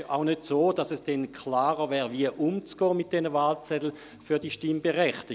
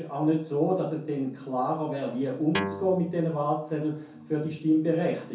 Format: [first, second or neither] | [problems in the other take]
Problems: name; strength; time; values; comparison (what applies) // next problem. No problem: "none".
first | background sound (Guitar); 8 dB below the speech // room echo; dies away in 0.5 s